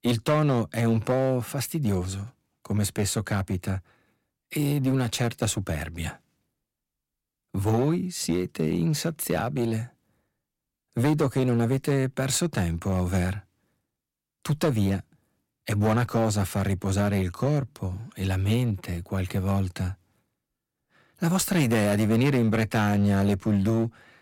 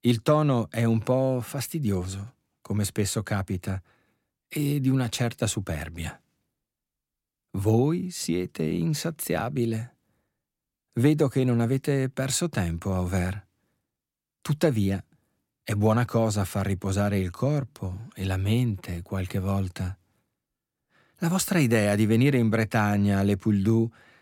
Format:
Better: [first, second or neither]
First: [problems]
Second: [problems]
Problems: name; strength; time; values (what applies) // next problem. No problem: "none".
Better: second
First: distortion; slight; 7% of the sound clipped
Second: none